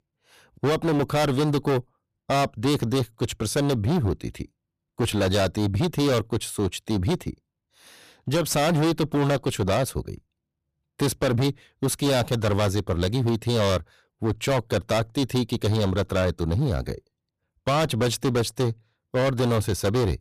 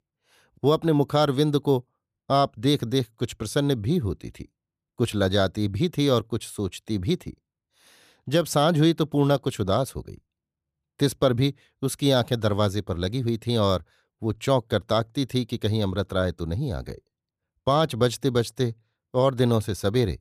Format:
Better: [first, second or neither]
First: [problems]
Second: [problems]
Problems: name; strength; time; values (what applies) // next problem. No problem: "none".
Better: second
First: distortion; heavy; 20% of the sound clipped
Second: none